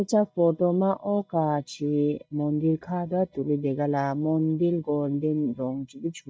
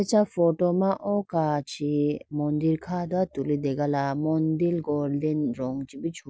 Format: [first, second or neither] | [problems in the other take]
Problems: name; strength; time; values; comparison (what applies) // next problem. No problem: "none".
second | noise reduction (neural mask model DeepFilterNet 3)